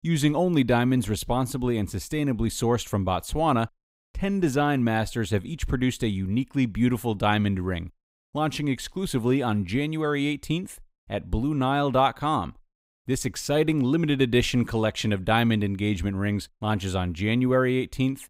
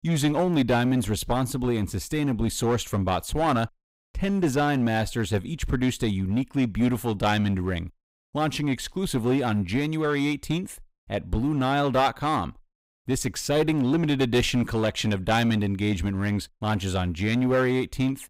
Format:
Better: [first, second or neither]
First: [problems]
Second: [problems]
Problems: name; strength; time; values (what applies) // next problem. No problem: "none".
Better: first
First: none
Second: distortion; slight; 8% of the sound clipped